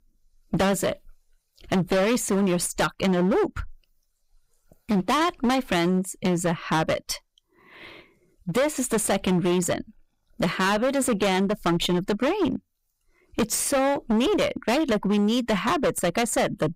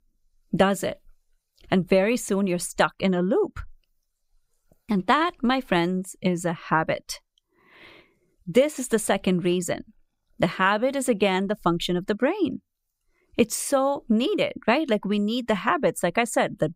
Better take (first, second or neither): second